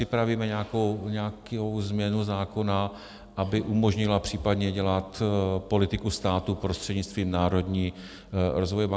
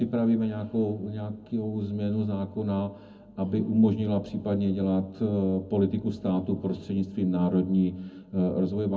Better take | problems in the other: first | room echo; dies away in 0.4 s

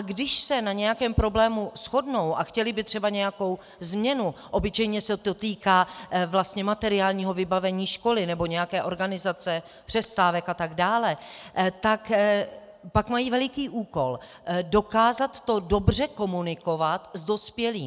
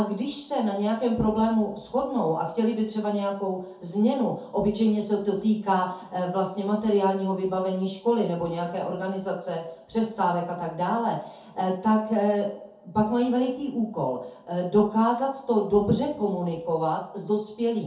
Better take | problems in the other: first | room echo; dies away in 0.5 s

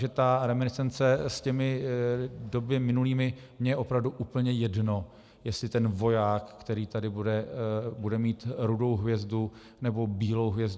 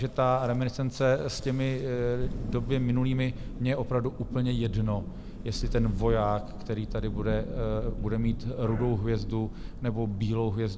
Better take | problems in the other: first | background sound (Thunder); 6 dB below the speech

